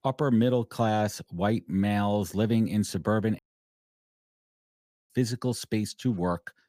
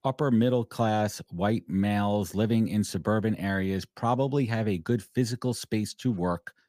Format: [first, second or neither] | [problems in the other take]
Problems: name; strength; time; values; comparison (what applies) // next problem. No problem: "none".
second | audio cutting out; at 3.5 s for 1.5 s